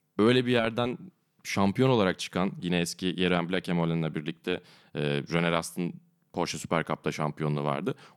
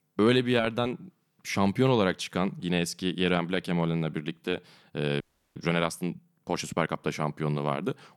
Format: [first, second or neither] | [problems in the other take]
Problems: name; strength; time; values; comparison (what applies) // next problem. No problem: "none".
first | audio freezing; at 5 s